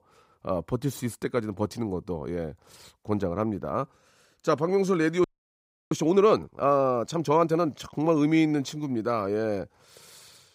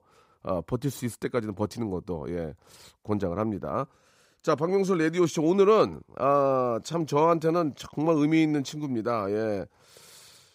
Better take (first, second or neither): second